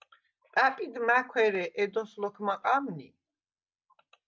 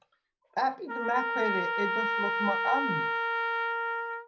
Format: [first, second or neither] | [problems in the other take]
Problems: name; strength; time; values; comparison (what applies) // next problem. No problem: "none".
first | background sound (Trumpet); 3 dB above the speech // room echo; dies away in 0.2 s